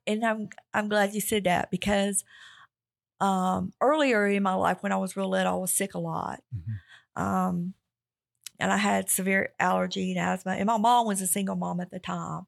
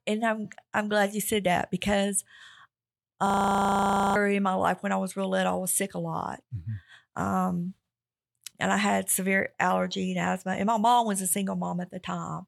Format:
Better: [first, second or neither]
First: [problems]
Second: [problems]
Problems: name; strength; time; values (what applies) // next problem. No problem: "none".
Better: first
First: none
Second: audio freezing; at 3.5 s for 1 s